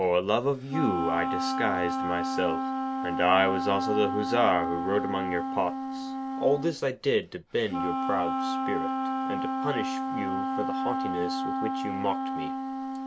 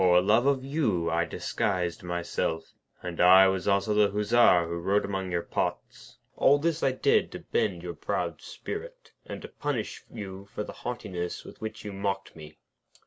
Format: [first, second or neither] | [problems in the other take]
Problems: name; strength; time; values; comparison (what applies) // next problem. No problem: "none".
second | background sound (Wind instrument, woodwind instrument); 1 dB below the speech